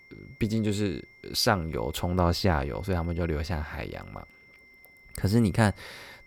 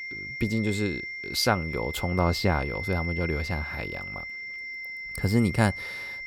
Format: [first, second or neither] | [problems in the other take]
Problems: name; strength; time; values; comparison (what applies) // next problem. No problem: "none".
first | high-pitched whine; loud; throughout; 2 kHz, 7 dB below the speech; faint in the first